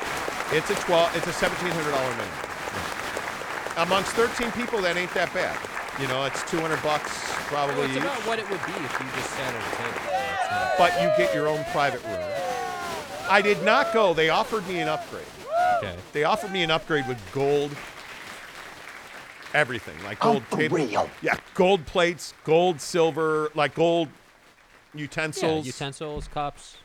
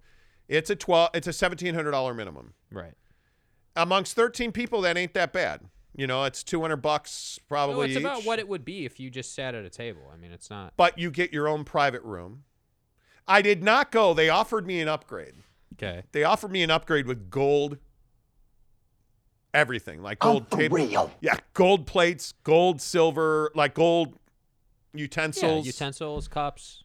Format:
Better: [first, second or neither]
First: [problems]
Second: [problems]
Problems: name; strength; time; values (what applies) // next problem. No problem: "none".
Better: second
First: crowd noise; loud; throughout; 5 dB below the speech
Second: none